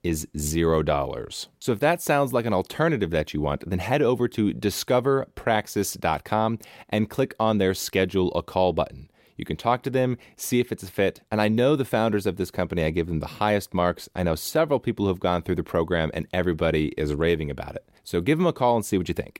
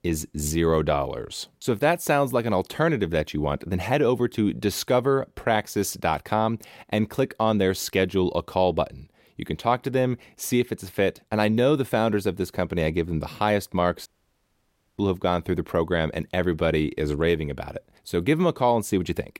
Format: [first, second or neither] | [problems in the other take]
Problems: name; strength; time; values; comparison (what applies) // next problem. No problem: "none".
first | audio cutting out; at 14 s for 1 s